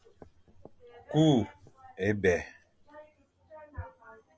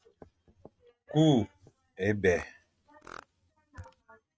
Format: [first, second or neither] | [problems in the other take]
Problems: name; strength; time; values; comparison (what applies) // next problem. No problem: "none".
first | noise reduction (neural mask model RNNoise)